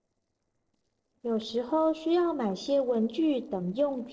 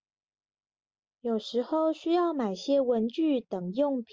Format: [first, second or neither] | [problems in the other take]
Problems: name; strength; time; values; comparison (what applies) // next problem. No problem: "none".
second | noise reduction (neural separator model SepFormer DNS4)